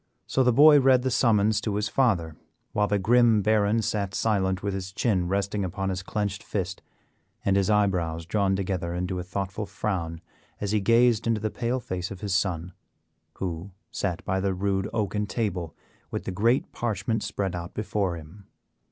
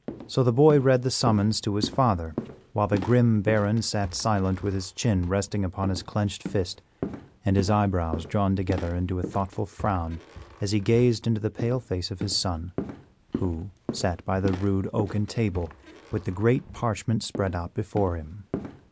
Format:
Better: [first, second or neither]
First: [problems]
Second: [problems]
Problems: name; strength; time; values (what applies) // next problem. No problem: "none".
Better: first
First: none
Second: background sound (Walk, footsteps); 13 dB below the speech